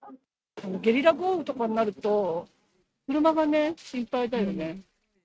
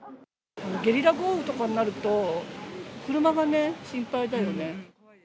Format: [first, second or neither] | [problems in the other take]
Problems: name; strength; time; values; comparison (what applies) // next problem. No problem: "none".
second | noise reduction (neural mask model RNNoise)